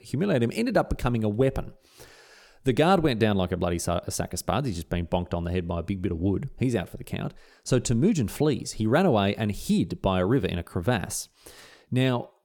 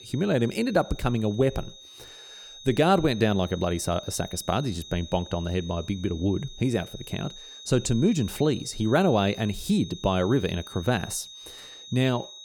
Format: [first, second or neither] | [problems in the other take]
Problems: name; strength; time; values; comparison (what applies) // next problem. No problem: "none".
first | high-pitched whine; noticeable; throughout; 4 kHz, 15 dB below the speech